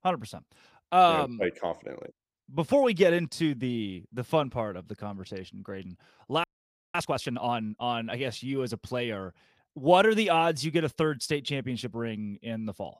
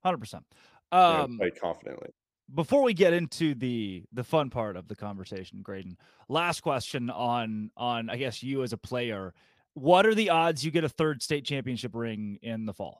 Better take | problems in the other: second | audio freezing; at 6.5 s for 0.5 s

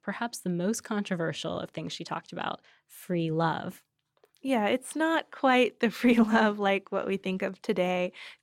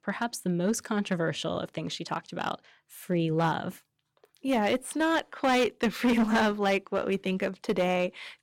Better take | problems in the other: first | distortion; slight; 6% of the sound clipped

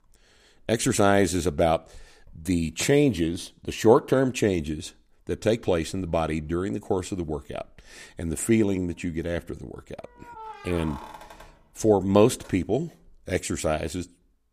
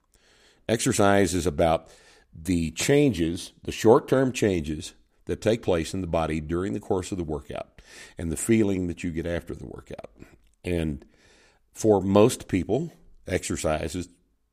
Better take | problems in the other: second | household noises; faint; throughout; 20 dB below the speech

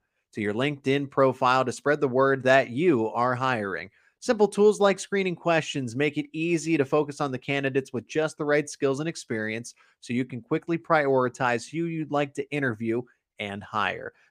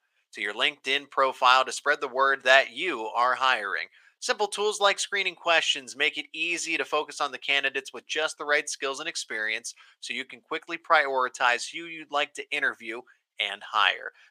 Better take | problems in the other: first | thin; very; fading below 850 Hz

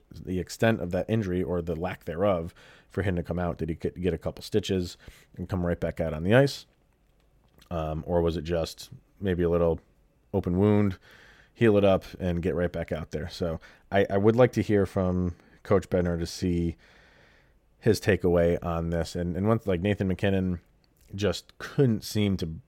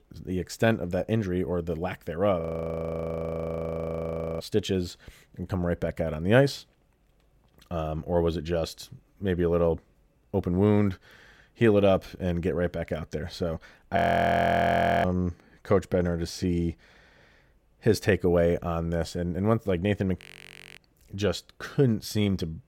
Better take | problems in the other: first | audio freezing; at 2.5 s for 2 s, at 14 s for 1 s and at 20 s for 0.5 s

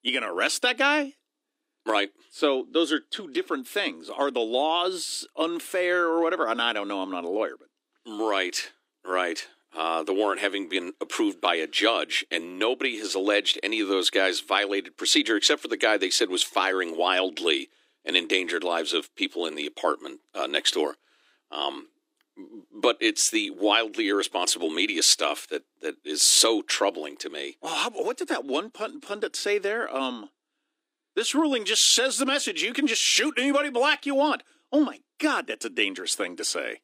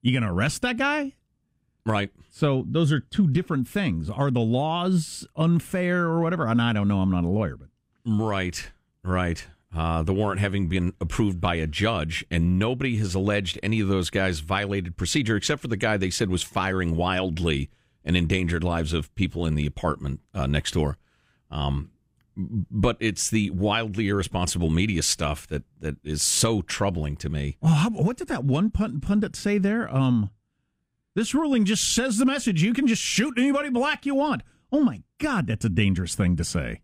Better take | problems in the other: second | thin; somewhat; fading below 300 Hz

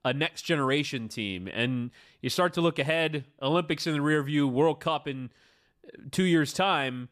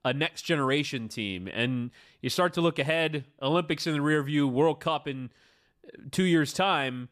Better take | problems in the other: neither | none

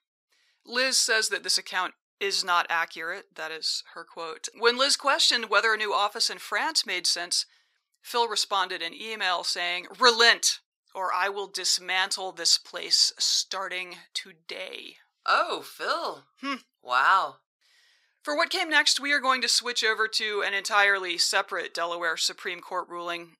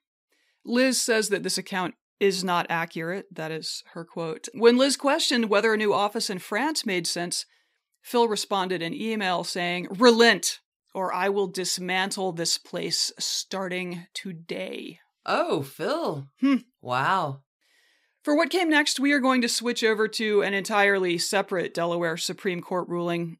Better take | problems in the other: second | thin; very; fading below 550 Hz

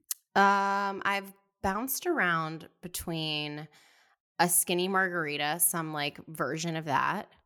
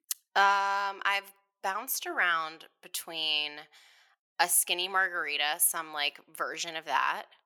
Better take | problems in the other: first | thin; very; fading below 650 Hz

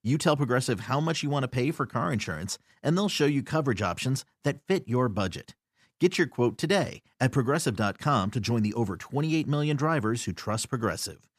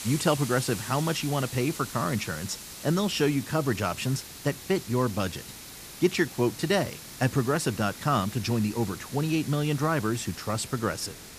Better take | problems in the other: first | hiss; noticeable; throughout; 10 dB below the speech

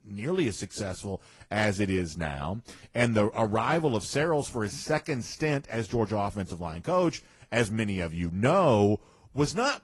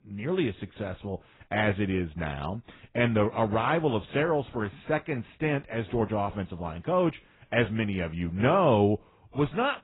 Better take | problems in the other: first | garbled, watery; badly; nothing above 4 kHz; slightly in the first

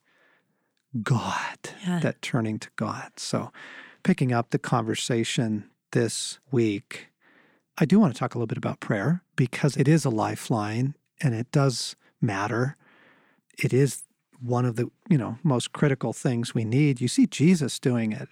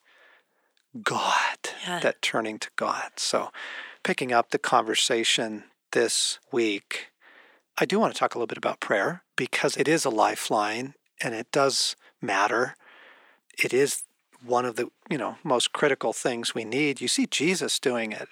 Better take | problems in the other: first | thin; very; fading below 550 Hz

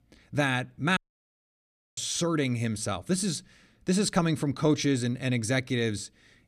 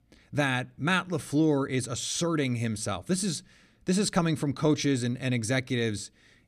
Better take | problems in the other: second | audio cutting out; at 1 s for 1 s

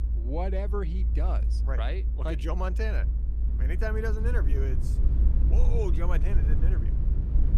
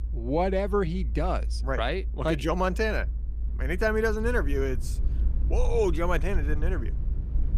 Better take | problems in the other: second | low rumble; loud; throughout; 9 dB below the speech; faint in the second

